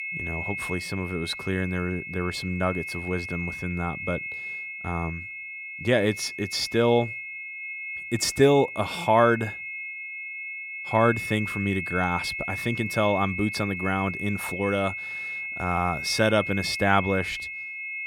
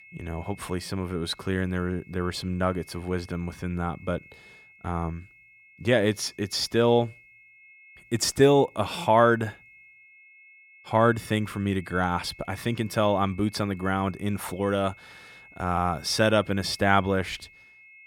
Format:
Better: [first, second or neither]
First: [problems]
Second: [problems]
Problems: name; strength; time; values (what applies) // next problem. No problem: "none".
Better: second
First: high-pitched whine; loud; throughout; 2 kHz, 6 dB below the speech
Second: high-pitched whine; faint; throughout; 2 kHz, 25 dB below the speech